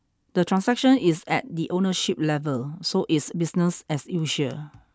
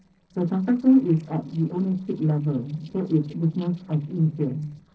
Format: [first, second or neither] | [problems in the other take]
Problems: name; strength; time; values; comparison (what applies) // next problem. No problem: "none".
first | noise reduction (neural separator model SepFormer DNS4)